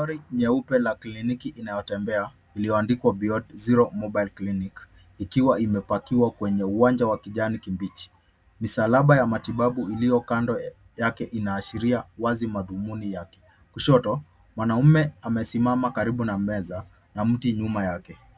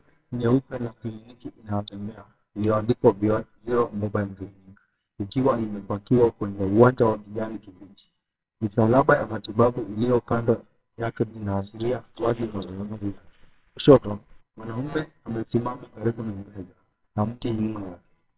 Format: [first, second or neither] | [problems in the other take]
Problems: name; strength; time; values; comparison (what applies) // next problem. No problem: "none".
first | noise reduction (neural separator model SepFormer WHAMR!)